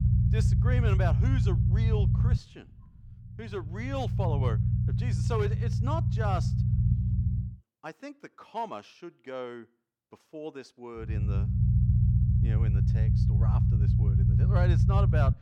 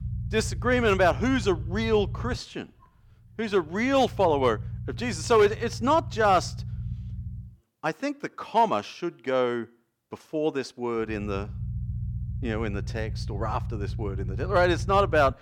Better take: second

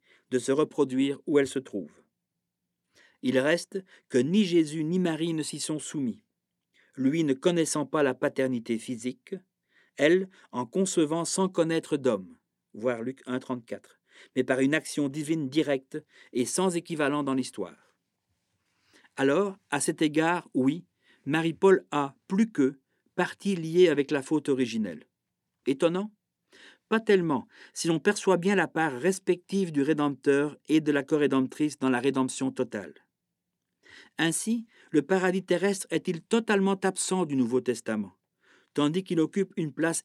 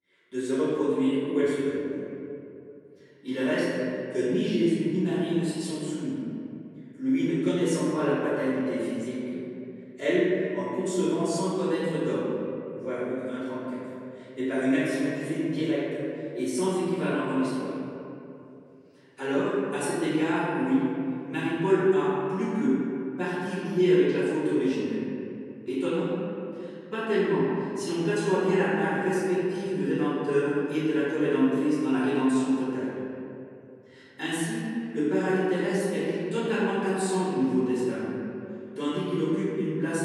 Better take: first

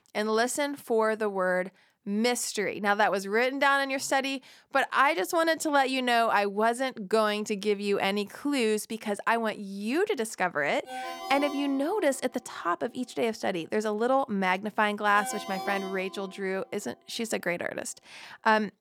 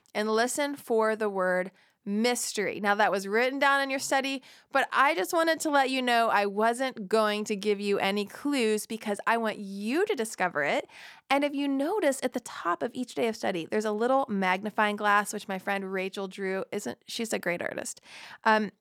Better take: second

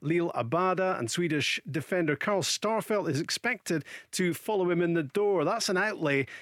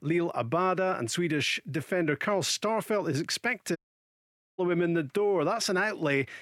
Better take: first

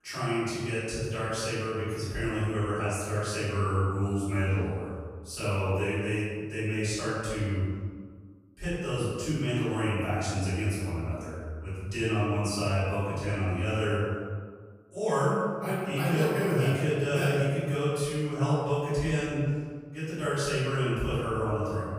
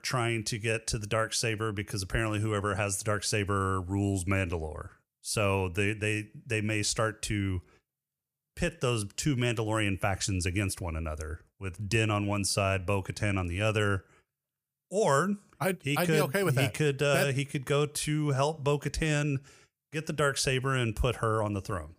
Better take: second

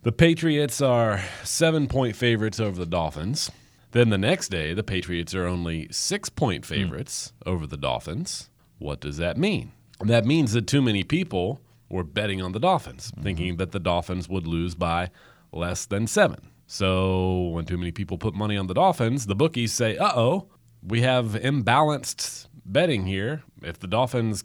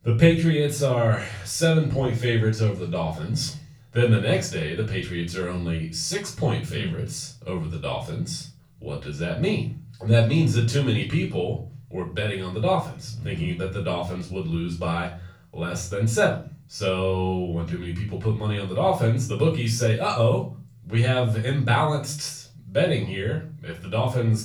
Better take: first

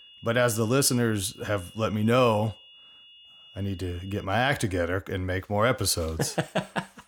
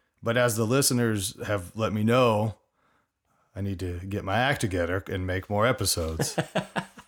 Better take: second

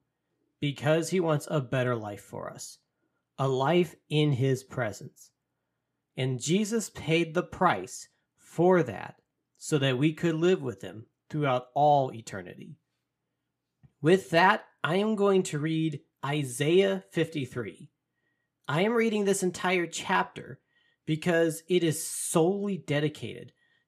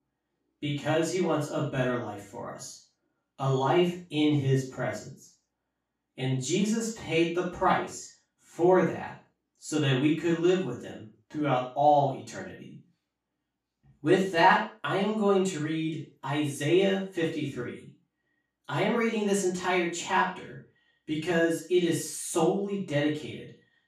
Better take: first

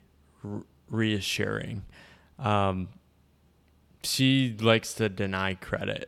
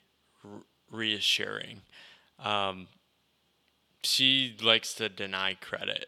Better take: first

